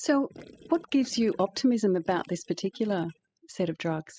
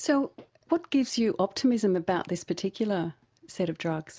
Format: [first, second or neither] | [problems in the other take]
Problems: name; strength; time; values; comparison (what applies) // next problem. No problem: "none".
second | noise reduction (classical method spectral subtraction)